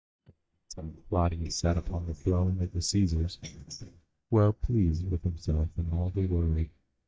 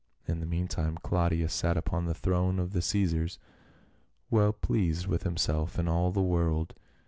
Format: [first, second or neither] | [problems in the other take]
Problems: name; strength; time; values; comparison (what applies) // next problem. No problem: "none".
second | noise reduction (neural mask model DeepFilterNet 3)